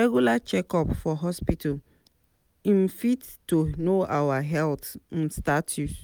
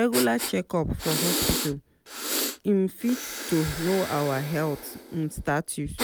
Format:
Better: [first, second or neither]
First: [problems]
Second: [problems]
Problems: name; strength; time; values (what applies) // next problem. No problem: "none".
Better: first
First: none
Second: background sound (Breathing); 5 dB below the speech